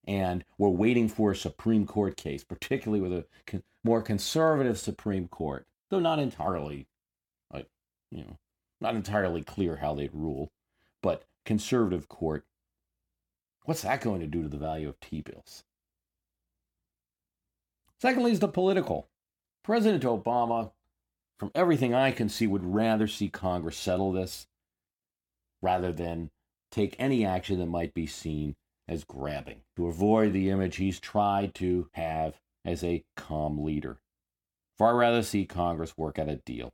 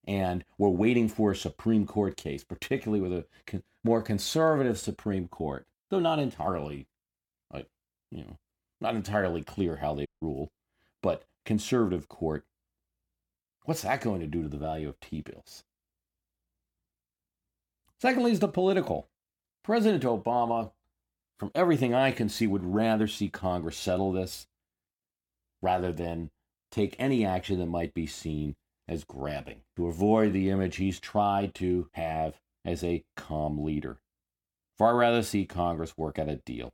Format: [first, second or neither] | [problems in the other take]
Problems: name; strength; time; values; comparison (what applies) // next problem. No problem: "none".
first | audio cutting out; at 10 s